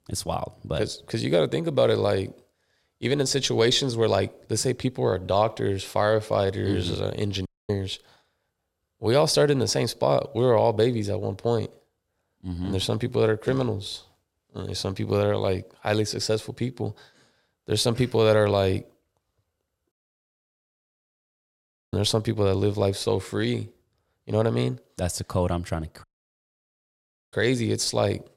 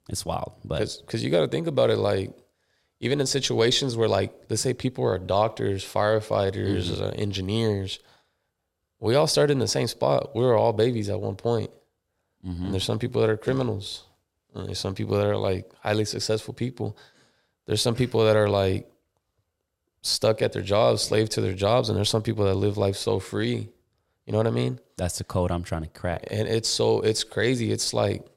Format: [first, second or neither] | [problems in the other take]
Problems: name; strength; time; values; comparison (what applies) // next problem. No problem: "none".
second | audio cutting out; at 7.5 s, at 20 s for 2 s and at 26 s for 1.5 s